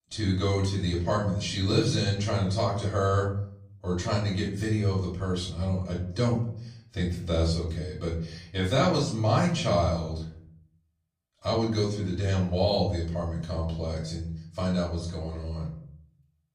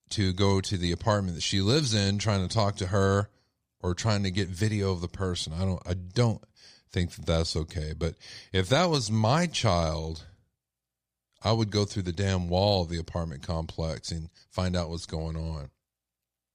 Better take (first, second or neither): second